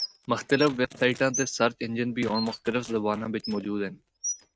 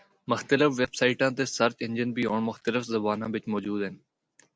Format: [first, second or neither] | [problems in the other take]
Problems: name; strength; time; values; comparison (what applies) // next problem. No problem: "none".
second | noise reduction (neural mask model RNNoise)